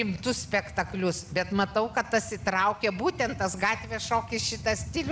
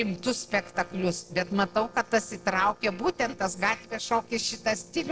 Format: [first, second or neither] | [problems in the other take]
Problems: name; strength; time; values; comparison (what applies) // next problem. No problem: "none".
first | noise reduction (neural separator model SepFormer DNS4)